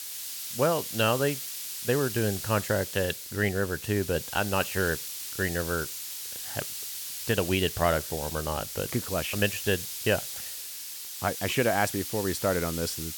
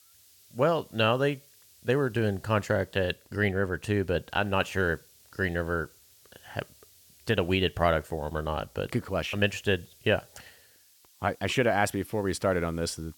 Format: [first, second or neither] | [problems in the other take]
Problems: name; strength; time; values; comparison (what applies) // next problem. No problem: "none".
second | hiss; loud; throughout; 5 dB below the speech; faint in the second